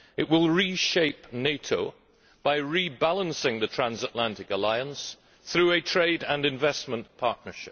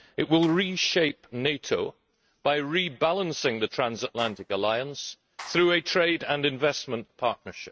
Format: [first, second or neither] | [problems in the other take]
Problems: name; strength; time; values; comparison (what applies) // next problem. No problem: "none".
first | noise reduction (neural mask model RNNoise)